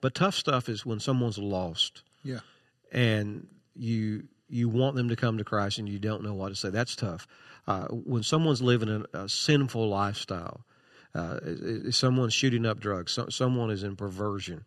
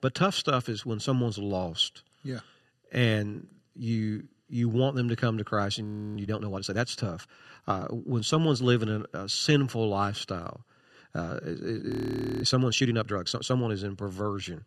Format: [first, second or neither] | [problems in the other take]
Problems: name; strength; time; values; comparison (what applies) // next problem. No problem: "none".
first | audio freezing; at 6 s and at 12 s for 0.5 s